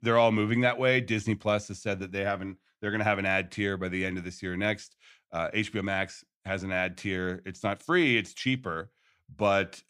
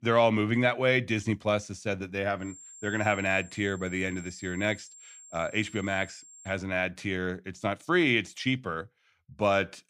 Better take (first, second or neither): first